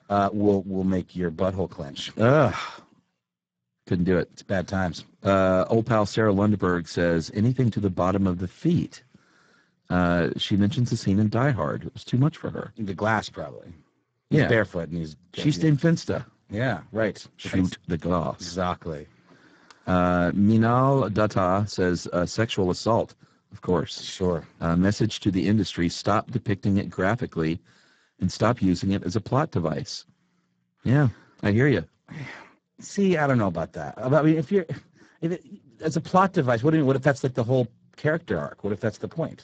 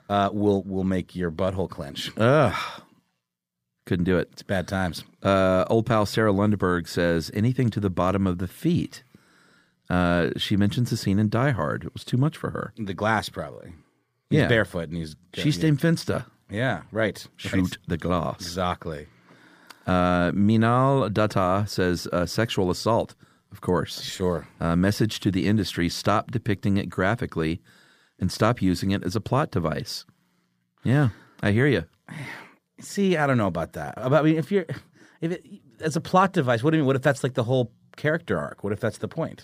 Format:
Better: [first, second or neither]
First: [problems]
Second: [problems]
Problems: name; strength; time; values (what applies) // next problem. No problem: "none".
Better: second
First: garbled, watery; badly; nothing above 7.5 kHz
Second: none